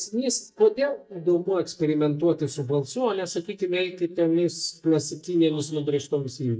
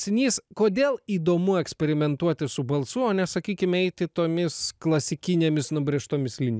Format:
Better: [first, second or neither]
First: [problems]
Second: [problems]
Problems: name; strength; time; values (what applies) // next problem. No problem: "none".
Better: second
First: noise reduction (neural mask model DeepFilterNet 3)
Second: none